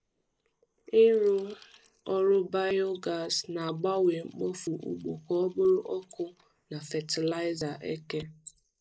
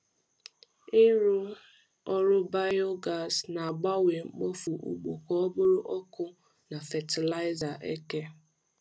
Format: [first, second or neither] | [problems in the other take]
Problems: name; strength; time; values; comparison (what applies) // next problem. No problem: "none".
second | noise reduction (neural mask model Resemble Enhance denoiser)